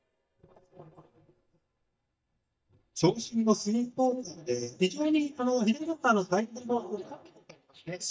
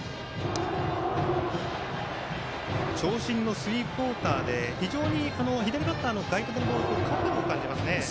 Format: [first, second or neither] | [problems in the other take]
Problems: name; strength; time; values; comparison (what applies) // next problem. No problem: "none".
second | noise reduction (neural mask model DeepFilterNet 3)